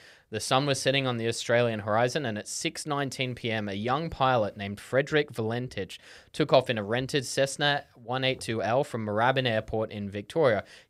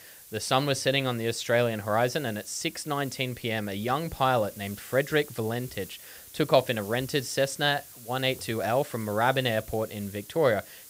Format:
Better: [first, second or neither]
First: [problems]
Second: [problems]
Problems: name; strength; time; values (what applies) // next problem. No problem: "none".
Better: first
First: none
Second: hiss; noticeable; throughout; 15 dB below the speech